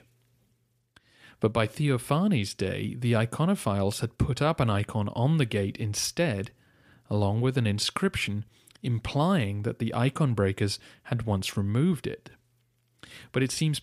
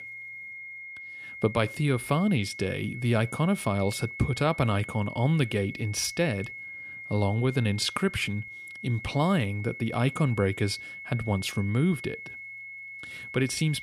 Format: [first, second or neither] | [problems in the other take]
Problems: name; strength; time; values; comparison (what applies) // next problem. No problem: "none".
first | high-pitched whine; noticeable; throughout; 2 kHz, 10 dB below the speech